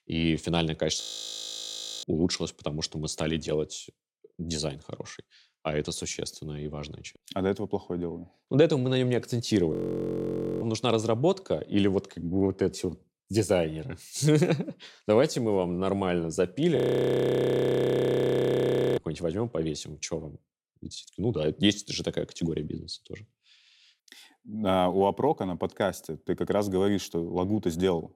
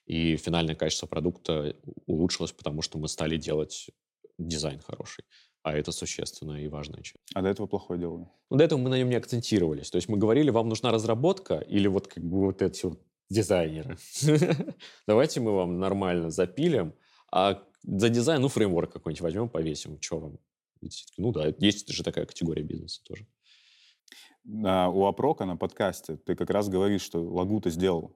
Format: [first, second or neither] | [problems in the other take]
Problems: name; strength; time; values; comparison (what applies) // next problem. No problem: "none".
second | audio freezing; at 1 s for 1 s, at 9.5 s for 1 s and at 17 s for 2 s